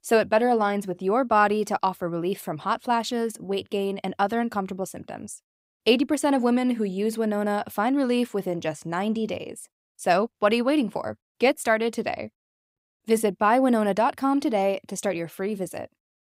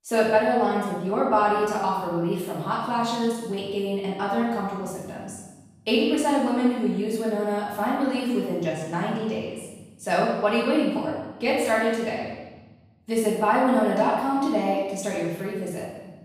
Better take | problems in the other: first | room echo; strong; dies away in 1.3 s // off-mic speech; far

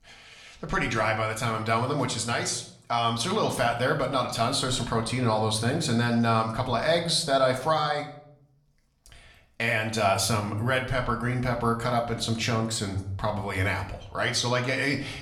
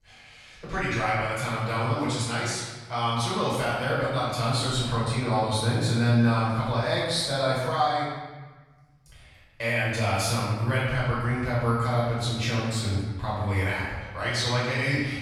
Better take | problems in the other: first | room echo; strong; dies away in 1.2 s; slight in the first // off-mic speech; far; somewhat distant in the first

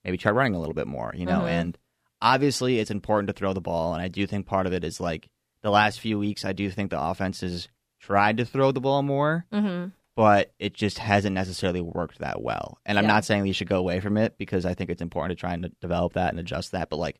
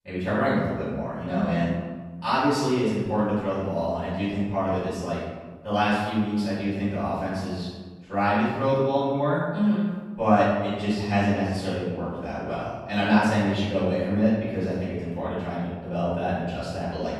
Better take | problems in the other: first | off-mic speech; far // room echo; strong; dies away in 1.2 s

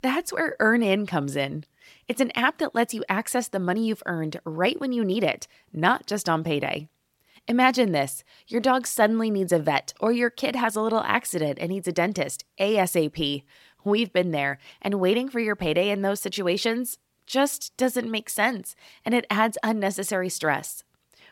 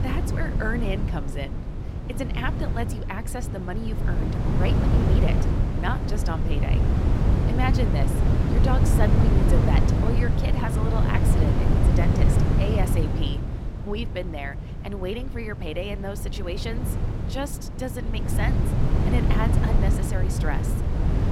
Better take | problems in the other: first | wind noise on the microphone; heavy; 1 dB below the speech

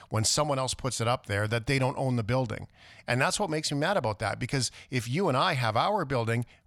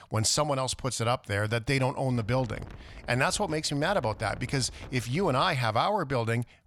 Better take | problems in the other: first | wind noise on the microphone; occasional gusts; from 2 to 5.5 s; 25 dB below the speech

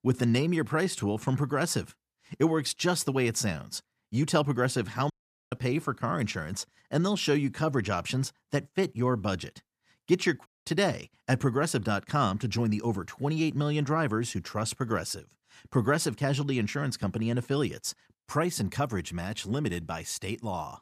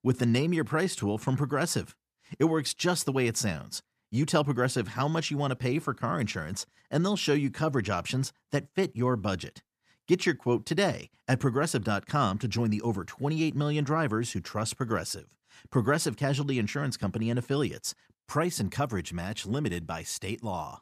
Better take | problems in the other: second | audio cutting out; at 5 s and at 10 s

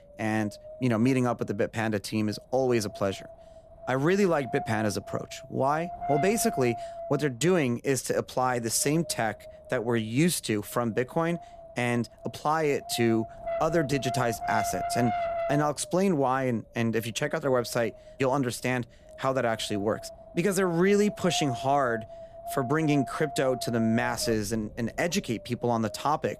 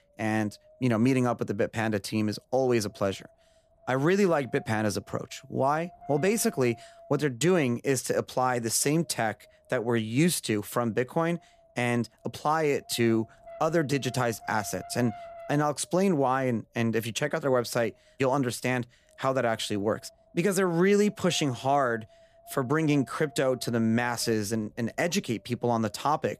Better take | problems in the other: second | wind noise on the microphone; heavy; 7 dB below the speech; occasional gusts in the second

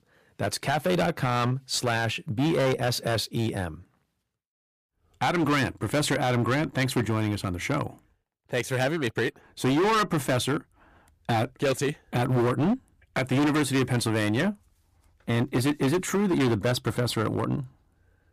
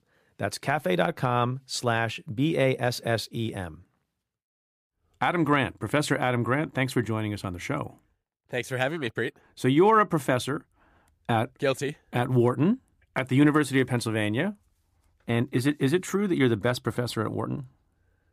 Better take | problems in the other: second | distortion; heavy; 14% of the sound clipped

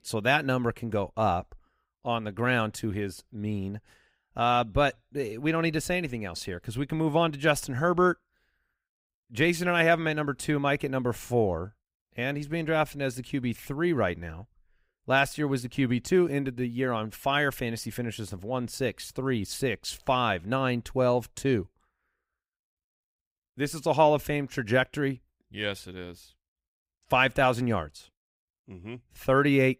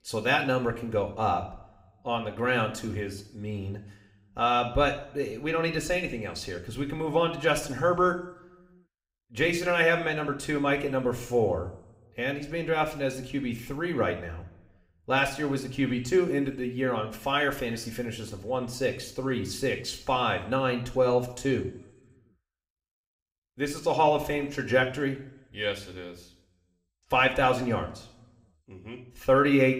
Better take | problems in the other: first | room echo; slight; dies away in 0.7 s

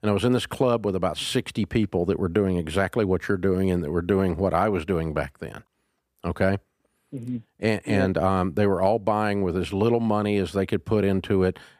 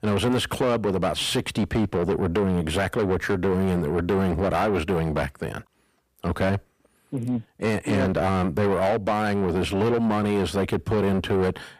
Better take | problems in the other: first | distortion; heavy; 6 dB below the speech

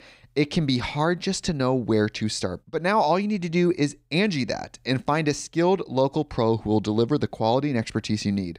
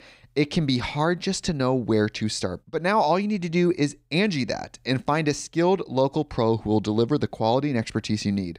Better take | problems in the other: neither | none

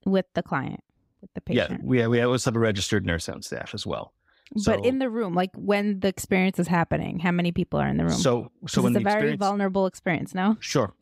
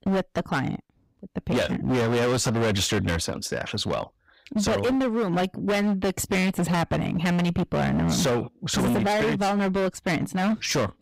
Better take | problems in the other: first | distortion; heavy; 25% of the sound clipped

